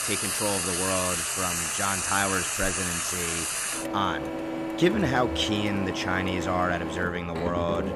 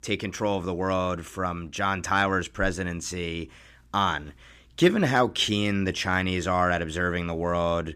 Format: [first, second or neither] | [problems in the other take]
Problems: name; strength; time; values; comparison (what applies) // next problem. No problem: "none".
second | household noises; very loud; throughout; as loud as the speech